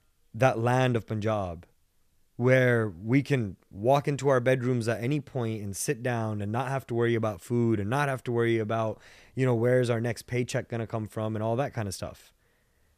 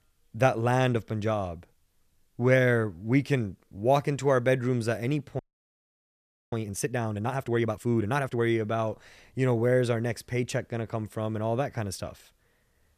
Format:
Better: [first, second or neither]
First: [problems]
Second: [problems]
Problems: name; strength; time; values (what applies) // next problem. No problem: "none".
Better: first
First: none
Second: audio freezing; at 5.5 s for 1 s